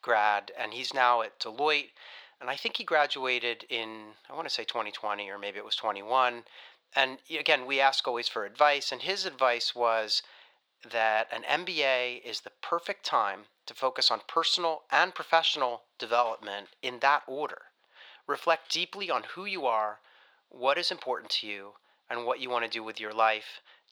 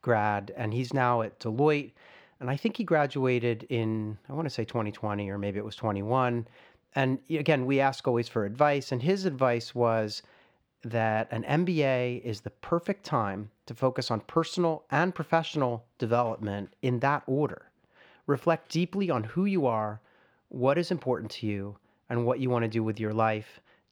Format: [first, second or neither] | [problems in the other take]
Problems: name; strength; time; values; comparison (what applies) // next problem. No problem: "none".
second | thin; very; fading below 800 Hz